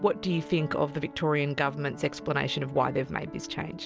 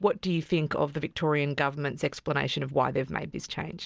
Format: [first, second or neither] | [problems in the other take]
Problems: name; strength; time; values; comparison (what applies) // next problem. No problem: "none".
second | background sound (Piano); 14 dB below the speech